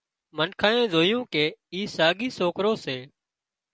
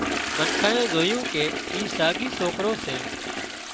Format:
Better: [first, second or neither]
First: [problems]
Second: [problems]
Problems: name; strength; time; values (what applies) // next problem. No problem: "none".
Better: first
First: none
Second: background sound (Toilet flush); 2 dB below the speech